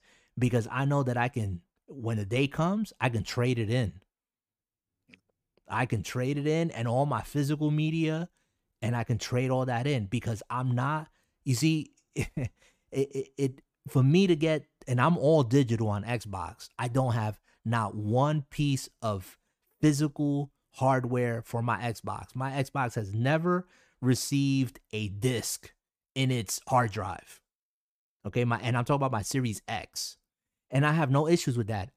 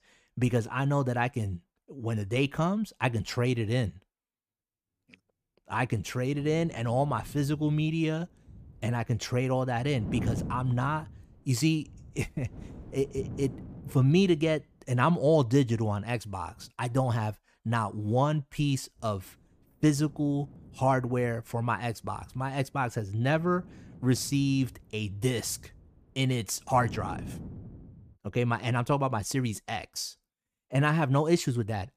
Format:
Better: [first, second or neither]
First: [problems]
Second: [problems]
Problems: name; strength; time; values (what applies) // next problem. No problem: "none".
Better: first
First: none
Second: wind noise on the microphone; occasional gusts; from 5.5 to 17 s and from 19 to 28 s; 20 dB below the speech